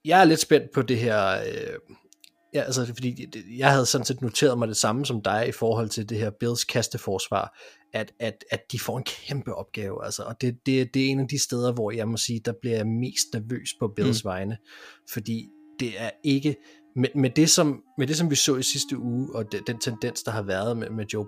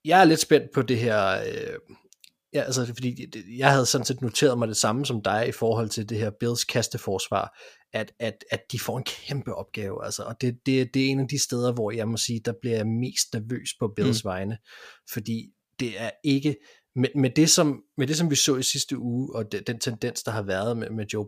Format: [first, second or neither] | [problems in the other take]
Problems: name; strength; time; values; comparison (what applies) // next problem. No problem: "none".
second | background music; faint; throughout; 30 dB below the speech